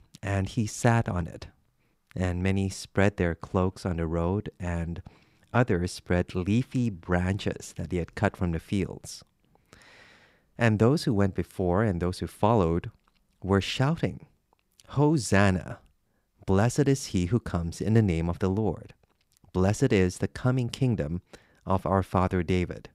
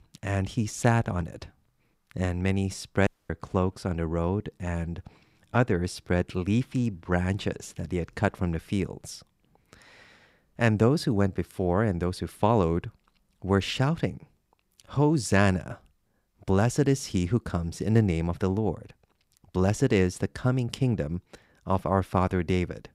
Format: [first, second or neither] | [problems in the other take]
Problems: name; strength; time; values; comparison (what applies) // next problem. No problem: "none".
first | audio cutting out; at 3 s